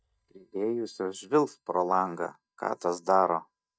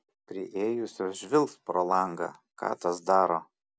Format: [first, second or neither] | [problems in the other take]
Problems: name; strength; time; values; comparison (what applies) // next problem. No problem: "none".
second | noise reduction (neural mask model DeepFilterNet 3)